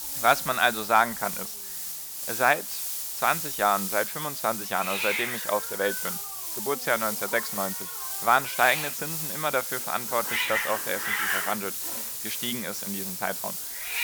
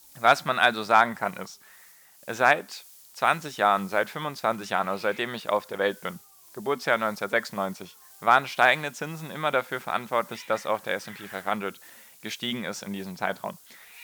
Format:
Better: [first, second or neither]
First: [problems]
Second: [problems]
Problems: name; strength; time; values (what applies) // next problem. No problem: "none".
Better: second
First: hiss; loud; throughout; 2 dB below the speech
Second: hiss; faint; throughout; 20 dB below the speech